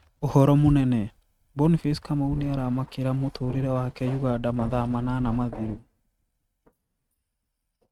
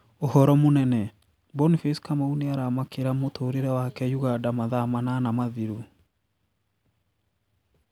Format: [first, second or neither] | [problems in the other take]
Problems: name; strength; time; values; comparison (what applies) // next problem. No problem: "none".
second | noise reduction (neural mask model RNNoise)